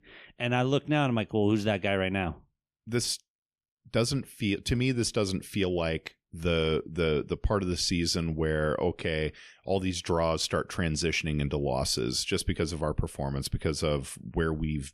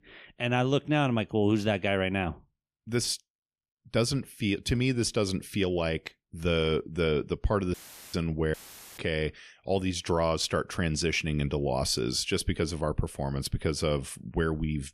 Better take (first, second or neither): first